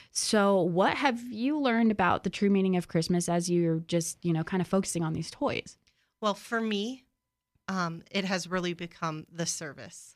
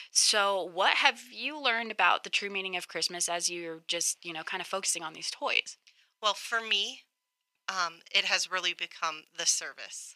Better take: first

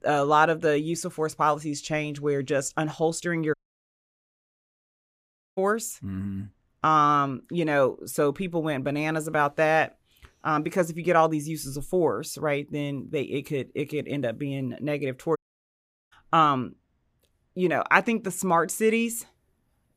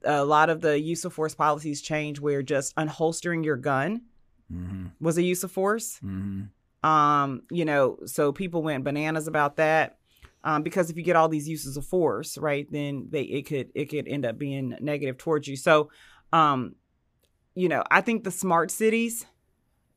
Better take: second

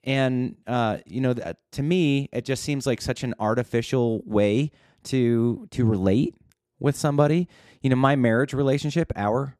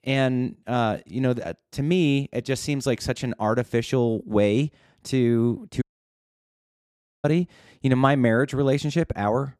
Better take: first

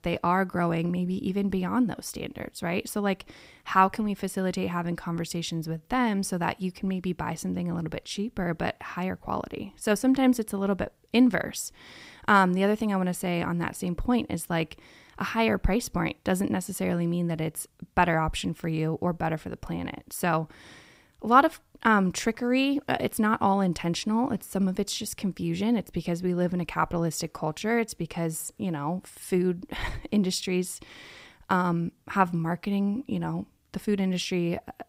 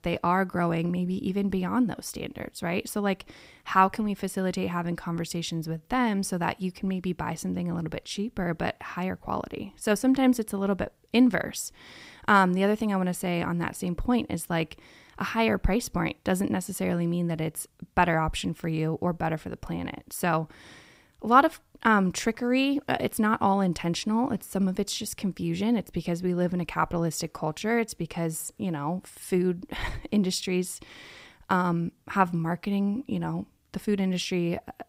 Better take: neither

